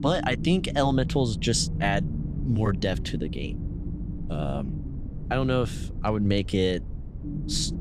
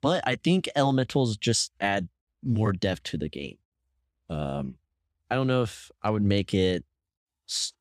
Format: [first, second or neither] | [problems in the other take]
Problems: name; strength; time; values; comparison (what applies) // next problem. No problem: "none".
second | low rumble; noticeable; throughout; 15 dB below the speech